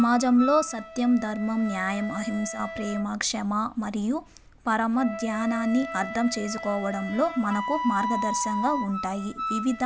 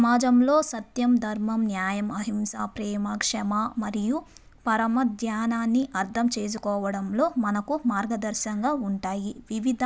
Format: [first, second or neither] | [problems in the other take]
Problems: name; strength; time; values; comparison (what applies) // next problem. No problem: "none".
second | background sound (Wind instrument, woodwind instrument); 8 dB below the speech